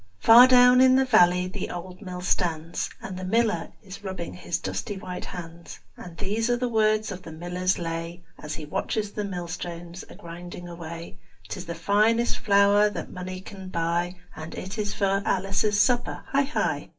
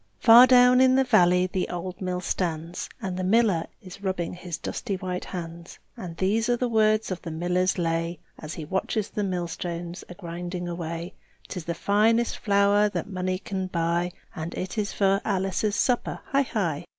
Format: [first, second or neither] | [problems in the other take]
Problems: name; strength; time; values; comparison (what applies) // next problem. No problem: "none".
second | room echo; dies away in 0.2 s